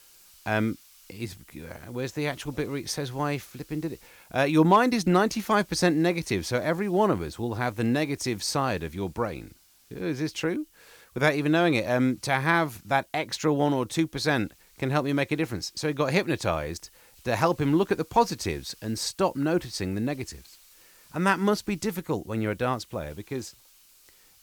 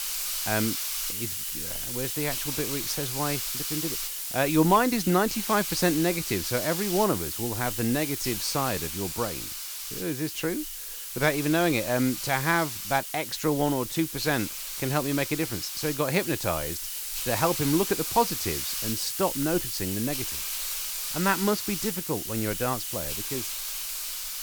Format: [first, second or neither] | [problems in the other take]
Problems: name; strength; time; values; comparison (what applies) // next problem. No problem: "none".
first | hiss; loud; throughout; 2 dB below the speech; faint in the first